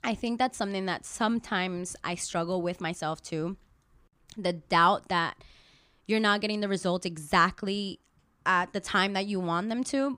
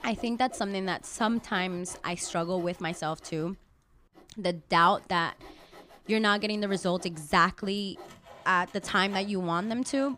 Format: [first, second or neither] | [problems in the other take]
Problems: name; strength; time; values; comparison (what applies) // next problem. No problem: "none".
first | machinery noise; faint; throughout; 20 dB below the speech